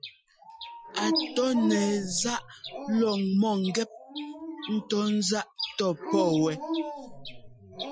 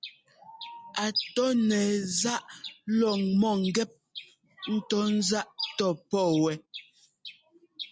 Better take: second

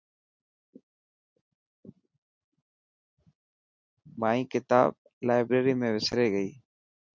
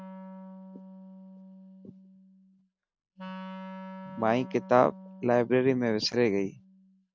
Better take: first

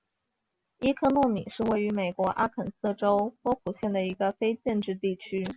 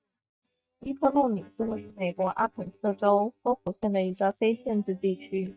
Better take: first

